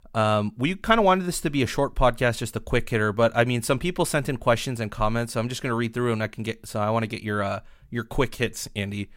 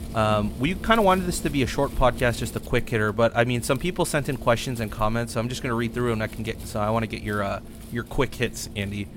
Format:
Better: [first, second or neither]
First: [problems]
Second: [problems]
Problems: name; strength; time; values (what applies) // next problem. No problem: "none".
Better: first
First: none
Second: wind noise on the microphone; occasional gusts; 20 dB below the speech